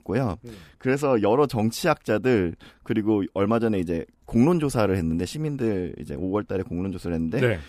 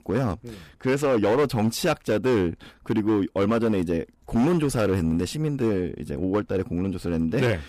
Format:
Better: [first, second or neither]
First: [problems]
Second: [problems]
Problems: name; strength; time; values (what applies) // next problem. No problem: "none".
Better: first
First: none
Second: distortion; slight; 8% of the sound clipped